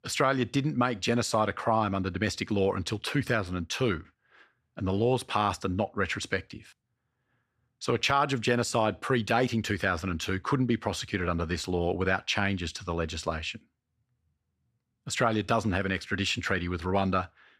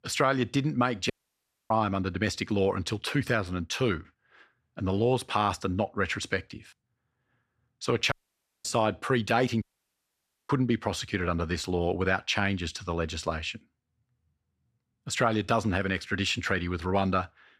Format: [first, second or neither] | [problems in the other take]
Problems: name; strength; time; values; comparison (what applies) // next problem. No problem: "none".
first | audio cutting out; at 1 s for 0.5 s, at 8 s for 0.5 s and at 9.5 s for 1 s